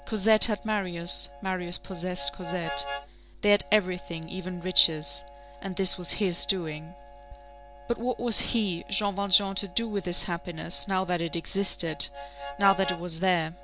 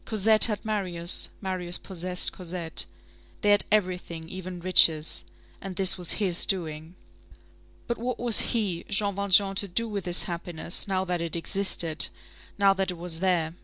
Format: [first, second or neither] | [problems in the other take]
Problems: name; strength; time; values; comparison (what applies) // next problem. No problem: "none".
second | background sound (Harmonica); 14 dB below the speech